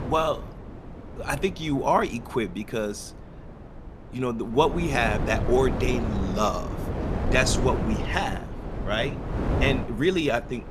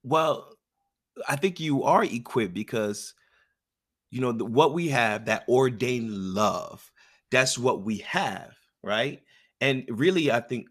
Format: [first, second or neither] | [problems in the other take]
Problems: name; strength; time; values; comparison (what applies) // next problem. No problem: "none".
second | wind noise on the microphone; heavy; 9 dB below the speech